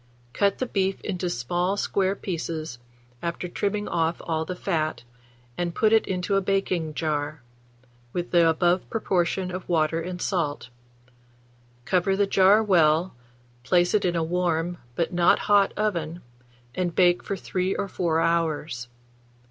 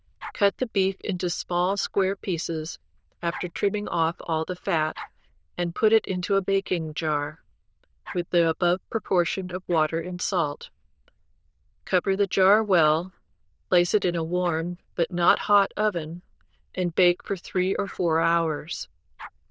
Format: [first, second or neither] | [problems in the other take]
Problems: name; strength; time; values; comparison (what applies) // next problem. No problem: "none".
first | noise reduction (neural diffusion model UNIVERSE++)